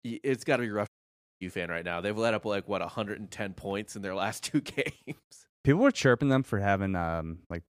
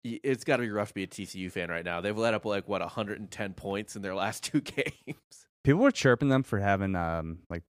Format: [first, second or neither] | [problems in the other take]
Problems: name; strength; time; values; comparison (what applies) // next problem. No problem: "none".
second | audio cutting out; at 1 s for 0.5 s